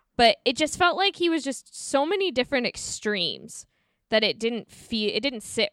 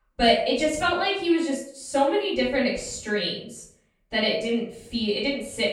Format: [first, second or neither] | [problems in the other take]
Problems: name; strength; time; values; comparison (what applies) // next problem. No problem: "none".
first | off-mic speech; far // room echo; noticeable; dies away in 0.5 s